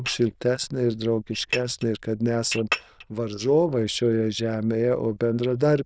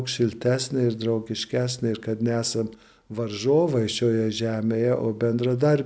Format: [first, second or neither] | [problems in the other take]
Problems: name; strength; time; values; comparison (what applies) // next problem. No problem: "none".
second | noise reduction (neural diffusion model UNIVERSE++)